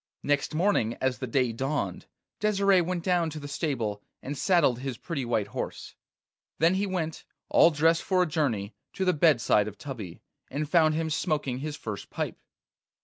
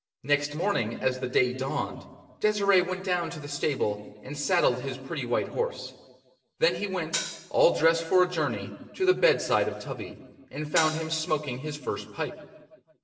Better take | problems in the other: first | noise reduction (neural separator model SepFormer DNS4)

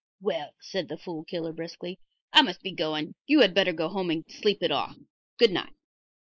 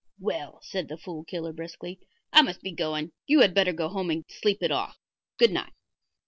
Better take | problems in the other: second | noise reduction (neural mask model Resemble Enhance denoiser)

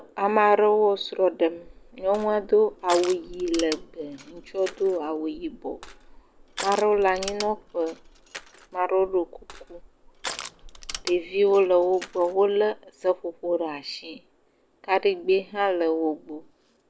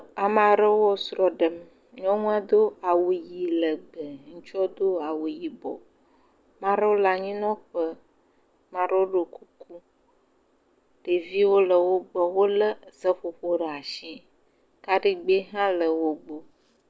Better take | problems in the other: second | background sound (Crushing); 15 dB below the speech

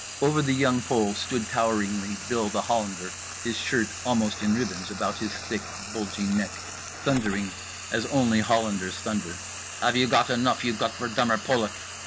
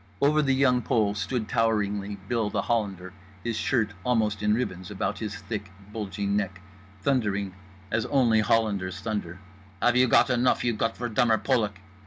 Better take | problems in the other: second | background sound (Frying (food)); 10 dB below the speech

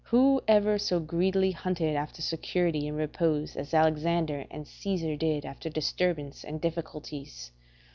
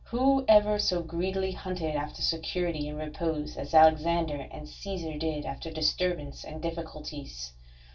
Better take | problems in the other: first | room echo; dies away in 0.2 s

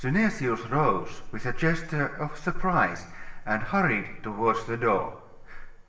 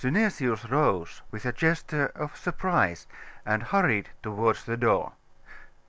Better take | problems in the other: second | room echo; dies away in 0.9 s

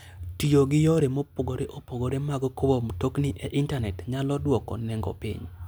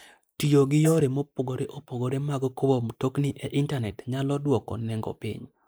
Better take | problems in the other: first | noise reduction (neural mask model Resemble Enhance denoiser)

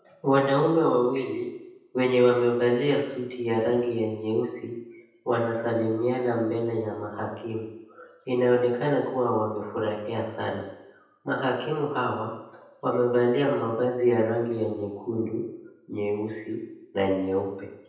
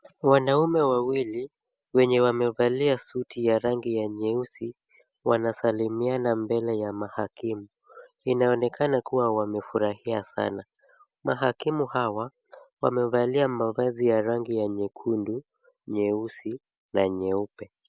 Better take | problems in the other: second | room echo; dies away in 0.9 s

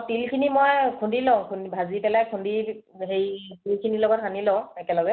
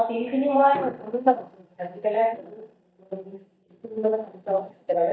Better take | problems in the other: first | noise reduction (neural mask model DeepFilterNet 3)

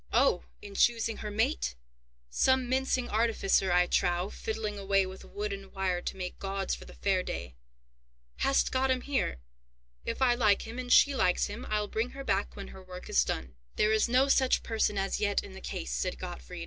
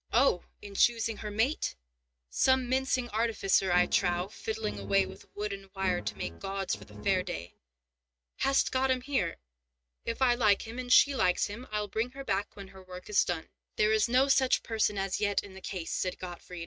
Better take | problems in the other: first | noise reduction (neural mask model RNNoise)

